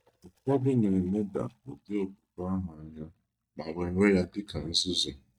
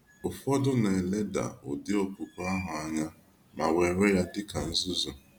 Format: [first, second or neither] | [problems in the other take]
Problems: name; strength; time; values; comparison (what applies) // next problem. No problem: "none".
second | noise reduction (neural mask model DeepFilterNet 3)